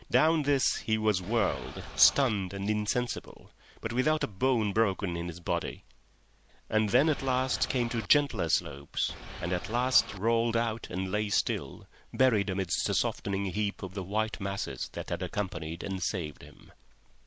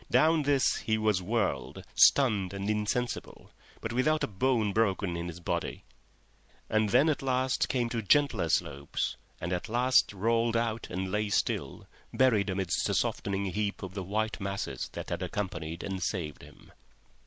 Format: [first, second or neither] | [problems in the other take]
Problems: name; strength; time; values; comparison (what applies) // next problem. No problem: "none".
second | background sound (Boat, Water vehicle); 12 dB below the speech